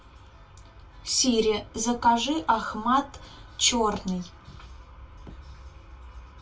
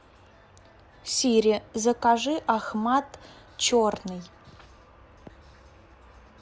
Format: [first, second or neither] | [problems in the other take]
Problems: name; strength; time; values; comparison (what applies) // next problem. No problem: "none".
second | room echo; dies away in 0.2 s